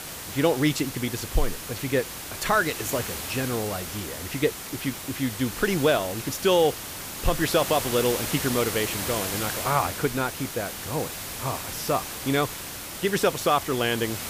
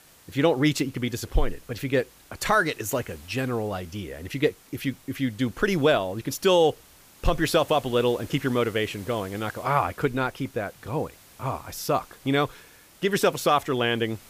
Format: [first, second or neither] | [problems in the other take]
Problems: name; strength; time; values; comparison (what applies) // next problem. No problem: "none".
second | hiss; loud; throughout; 5 dB below the speech; faint in the second